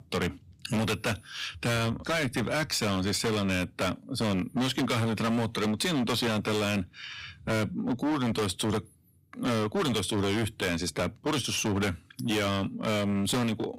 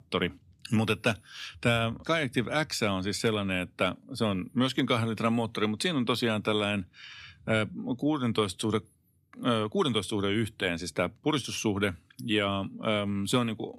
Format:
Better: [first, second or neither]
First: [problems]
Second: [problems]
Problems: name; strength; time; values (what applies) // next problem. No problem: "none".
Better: second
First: distortion; heavy; 22% of the sound clipped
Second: none